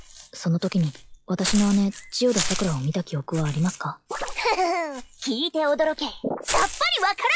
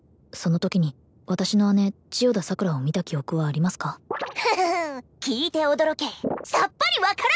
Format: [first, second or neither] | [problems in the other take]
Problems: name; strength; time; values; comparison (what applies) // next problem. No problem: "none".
second | noise reduction (classical method log-MMSE)